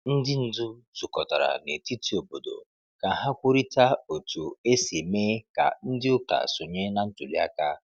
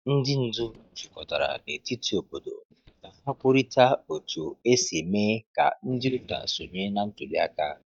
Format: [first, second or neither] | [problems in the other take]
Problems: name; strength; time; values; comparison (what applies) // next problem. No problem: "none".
first | noise reduction (neural mask model DeepFilterNet 3)